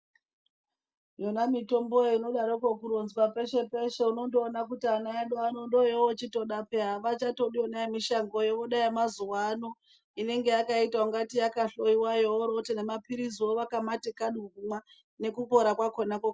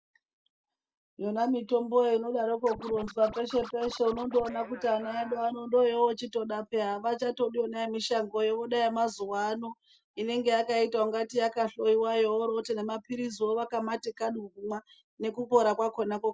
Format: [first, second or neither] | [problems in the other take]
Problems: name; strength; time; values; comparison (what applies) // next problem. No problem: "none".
first | background sound (Scratching (performance technique)); 17 dB below the speech